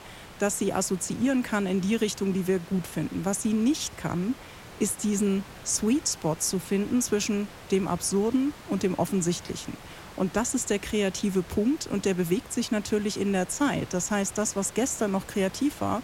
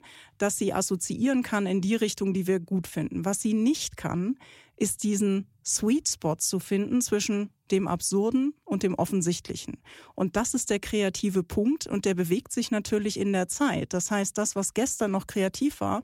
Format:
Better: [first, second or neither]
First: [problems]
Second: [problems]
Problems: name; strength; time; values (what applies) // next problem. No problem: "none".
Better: second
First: hiss; noticeable; throughout; 20 dB below the speech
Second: none